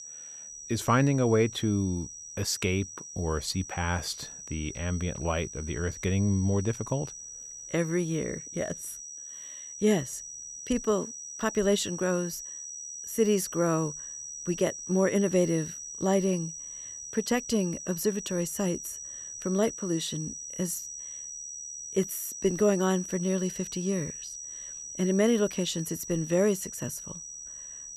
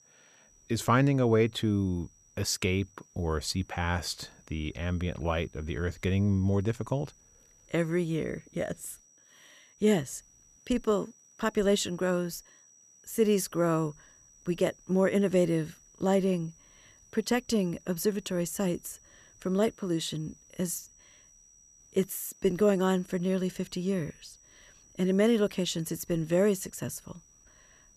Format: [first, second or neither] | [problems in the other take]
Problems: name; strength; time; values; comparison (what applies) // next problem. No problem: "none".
second | high-pitched whine; loud; throughout; 6 kHz, 9 dB below the speech; faint in the second